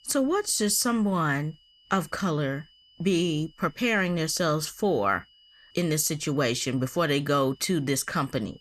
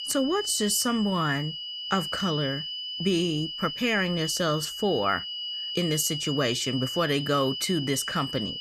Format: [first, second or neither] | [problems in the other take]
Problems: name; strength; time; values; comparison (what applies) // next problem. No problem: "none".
first | high-pitched whine; loud; throughout; 3 kHz, 5 dB below the speech; faint in the first